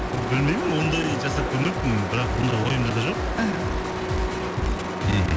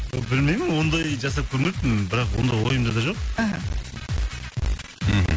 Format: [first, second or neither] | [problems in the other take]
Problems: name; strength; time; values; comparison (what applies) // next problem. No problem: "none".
second | background sound (Truck); 4 dB below the speech